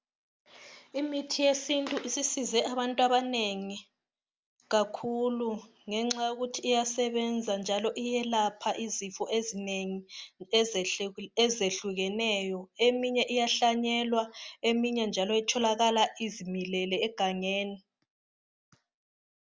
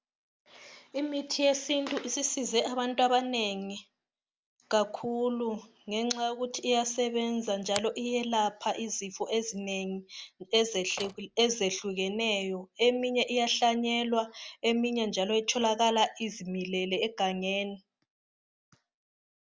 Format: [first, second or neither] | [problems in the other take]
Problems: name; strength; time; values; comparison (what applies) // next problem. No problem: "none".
first | background sound (Finger snapping + Slam); 16 dB below the speech